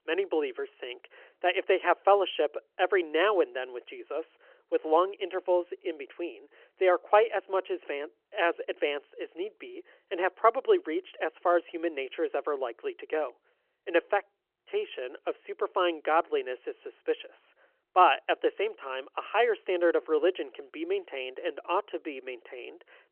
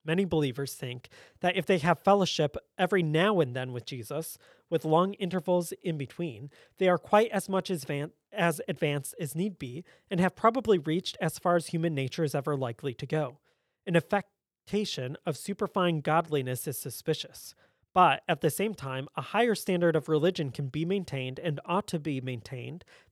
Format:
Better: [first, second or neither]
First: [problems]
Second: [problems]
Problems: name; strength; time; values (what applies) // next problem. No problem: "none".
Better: second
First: phone-call audio; nothing above 3 kHz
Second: none